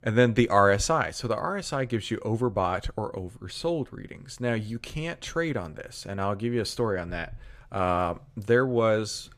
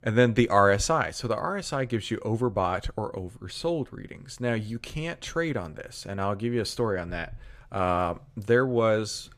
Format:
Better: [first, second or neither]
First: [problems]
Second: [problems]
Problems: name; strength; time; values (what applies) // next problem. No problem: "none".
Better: neither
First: none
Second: none